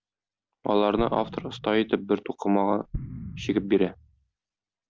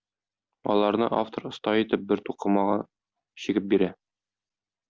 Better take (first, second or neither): second